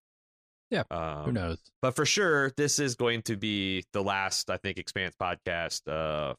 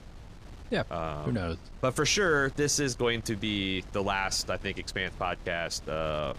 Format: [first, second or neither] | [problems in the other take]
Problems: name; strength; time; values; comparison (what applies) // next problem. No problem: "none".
first | wind noise on the microphone; occasional gusts; 25 dB below the speech